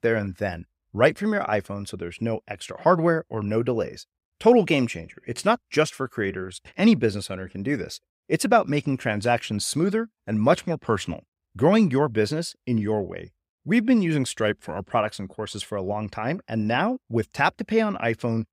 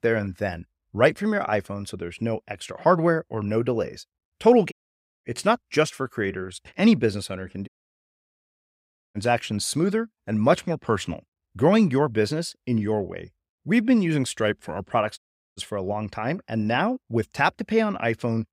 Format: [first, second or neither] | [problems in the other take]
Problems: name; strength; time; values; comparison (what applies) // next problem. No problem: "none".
first | audio cutting out; at 4.5 s for 0.5 s, at 7.5 s for 1.5 s and at 15 s